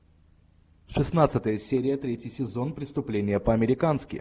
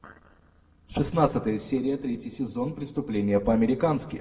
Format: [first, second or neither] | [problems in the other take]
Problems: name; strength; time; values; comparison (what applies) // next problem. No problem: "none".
first | room echo; dies away in 0.9 s